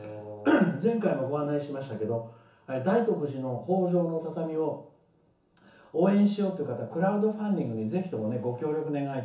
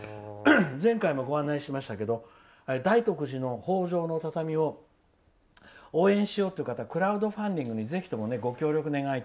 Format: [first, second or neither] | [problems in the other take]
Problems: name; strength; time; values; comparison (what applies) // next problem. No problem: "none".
second | room echo; dies away in 0.7 s